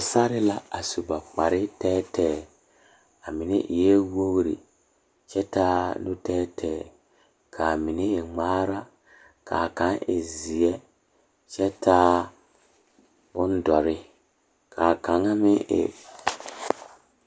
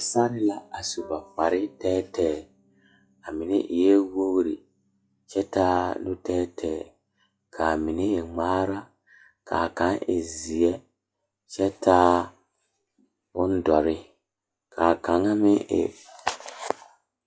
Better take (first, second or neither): first